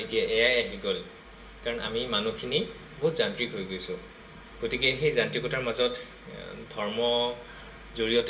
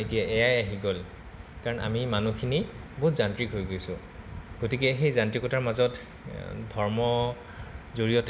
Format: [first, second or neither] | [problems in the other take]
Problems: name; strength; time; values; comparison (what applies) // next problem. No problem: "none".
second | room echo; dies away in 0.2 s